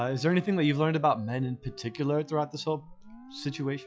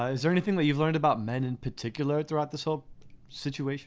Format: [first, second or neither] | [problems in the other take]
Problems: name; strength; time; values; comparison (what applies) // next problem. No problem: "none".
second | noise reduction (classical method log-MMSE)